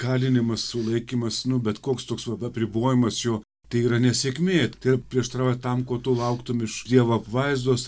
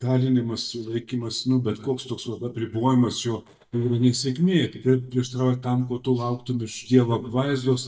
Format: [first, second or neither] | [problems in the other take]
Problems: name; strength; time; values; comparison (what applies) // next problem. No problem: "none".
first | noise reduction (neural mask model DeepFilterNet 3)